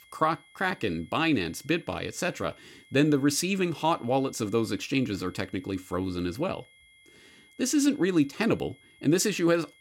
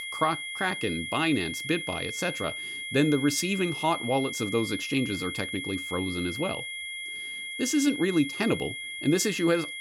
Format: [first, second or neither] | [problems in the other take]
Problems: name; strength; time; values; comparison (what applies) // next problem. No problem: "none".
first | high-pitched whine; loud; throughout; 2 kHz, 5 dB below the speech; faint in the first